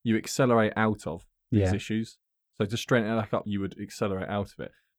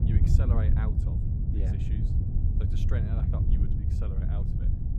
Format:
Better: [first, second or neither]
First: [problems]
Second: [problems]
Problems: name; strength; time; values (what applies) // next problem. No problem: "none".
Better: first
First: none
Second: wind noise on the microphone; heavy; 3 dB above the speech